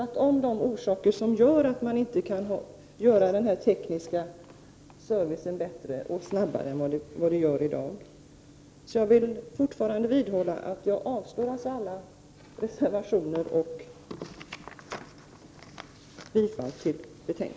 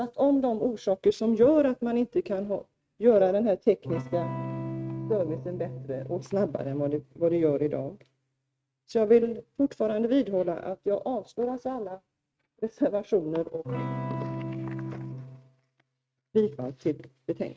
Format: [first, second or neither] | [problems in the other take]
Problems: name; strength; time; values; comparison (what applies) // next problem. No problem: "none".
first | noise reduction (neural mask model RNNoise)